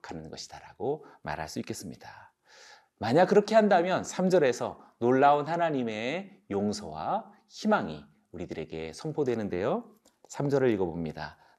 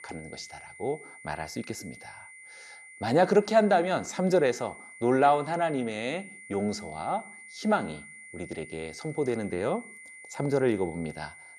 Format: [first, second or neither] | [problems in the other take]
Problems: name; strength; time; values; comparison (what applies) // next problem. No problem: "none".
first | high-pitched whine; noticeable; throughout; 2 kHz, 20 dB below the speech